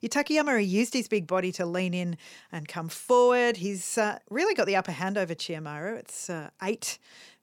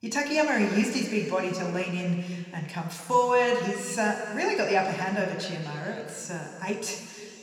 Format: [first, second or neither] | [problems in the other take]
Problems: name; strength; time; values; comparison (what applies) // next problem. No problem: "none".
first | room echo; noticeable; dies away in 2.4 s